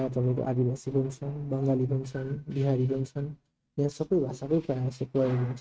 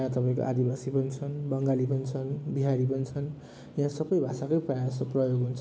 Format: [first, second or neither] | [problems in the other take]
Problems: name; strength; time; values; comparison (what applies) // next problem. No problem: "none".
second | noise reduction (neural mask model RNNoise)